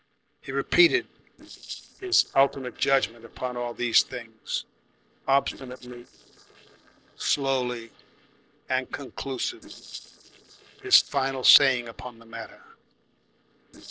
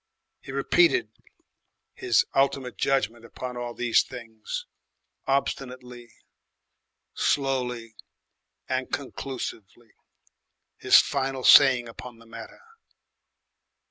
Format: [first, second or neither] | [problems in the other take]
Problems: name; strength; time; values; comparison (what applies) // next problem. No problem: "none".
second | noise reduction (neural separator model SepFormer DNS4)